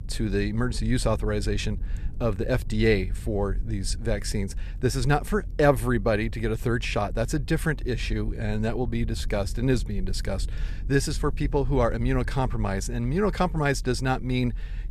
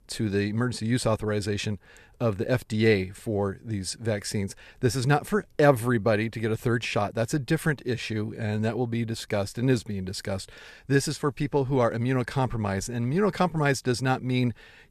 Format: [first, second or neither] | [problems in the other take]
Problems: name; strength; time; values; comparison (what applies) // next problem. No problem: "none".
second | low rumble; faint; throughout; 25 dB below the speech